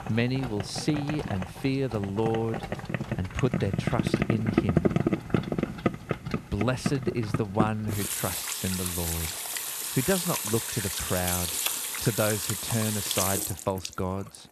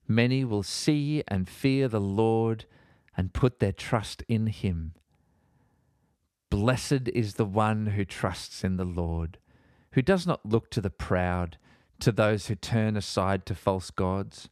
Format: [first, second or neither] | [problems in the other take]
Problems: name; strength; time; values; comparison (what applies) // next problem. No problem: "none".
second | household noises; very loud; throughout; 1 dB above the speech